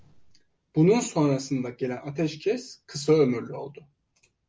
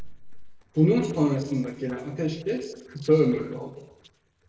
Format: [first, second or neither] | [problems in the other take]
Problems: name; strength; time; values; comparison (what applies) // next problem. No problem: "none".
first | noise reduction (neural separator model SepFormer DNS4)